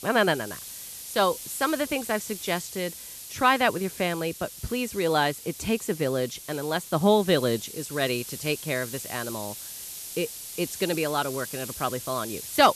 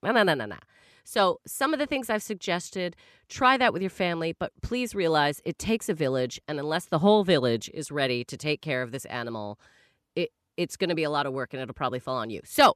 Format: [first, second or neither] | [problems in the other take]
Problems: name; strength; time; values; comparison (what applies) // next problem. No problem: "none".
second | hiss; loud; throughout; 10 dB below the speech